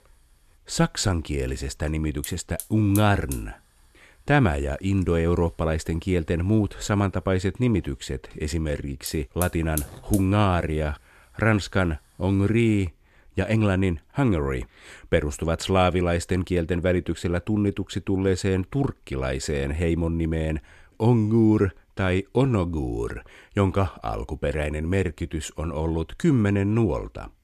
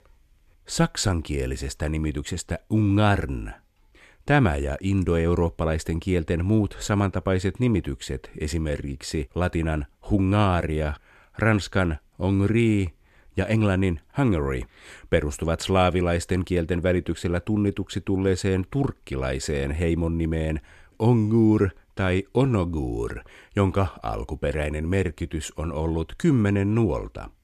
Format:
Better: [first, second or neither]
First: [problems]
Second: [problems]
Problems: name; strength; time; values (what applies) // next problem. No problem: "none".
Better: second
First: hiss; noticeable; until 13 s; 10 dB below the speech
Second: none